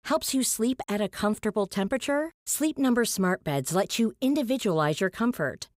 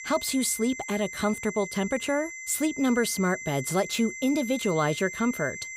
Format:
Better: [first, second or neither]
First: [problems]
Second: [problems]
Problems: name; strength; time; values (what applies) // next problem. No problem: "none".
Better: first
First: none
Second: high-pitched whine; loud; throughout; 2 kHz, 10 dB below the speech